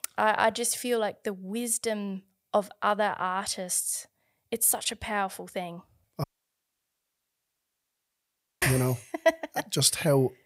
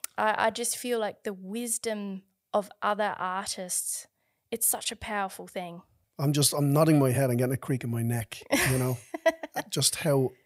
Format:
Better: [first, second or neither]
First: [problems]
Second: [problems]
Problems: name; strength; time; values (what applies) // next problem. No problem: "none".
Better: second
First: audio cutting out; at 6 s for 2.5 s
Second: none